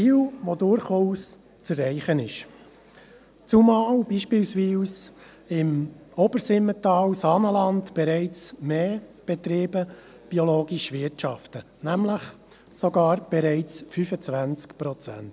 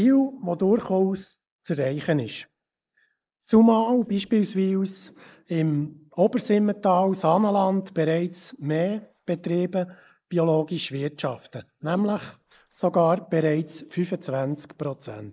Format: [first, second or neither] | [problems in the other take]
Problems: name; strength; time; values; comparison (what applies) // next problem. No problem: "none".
first | noise reduction (neural mask model Resemble Enhance denoiser)